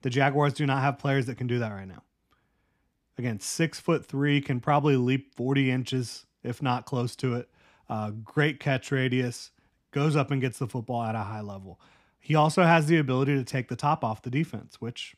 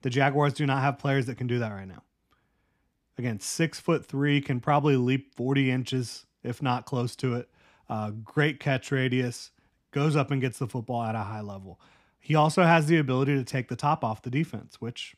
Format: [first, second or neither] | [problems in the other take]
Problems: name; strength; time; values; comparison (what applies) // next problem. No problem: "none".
neither | none